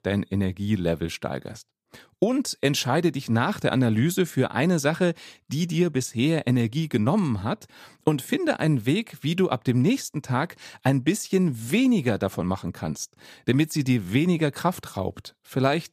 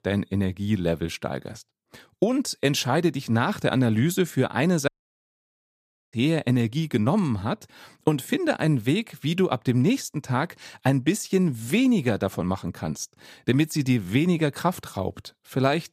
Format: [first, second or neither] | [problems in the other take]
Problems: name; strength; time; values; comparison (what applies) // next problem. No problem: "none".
first | audio cutting out; at 5 s for 1.5 s